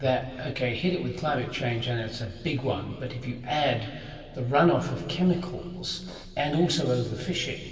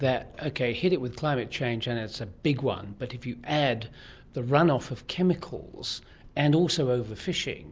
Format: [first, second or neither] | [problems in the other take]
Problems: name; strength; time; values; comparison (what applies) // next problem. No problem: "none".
second | background sound (Fart); 19 dB below the speech // room echo; dies away in 2.4 s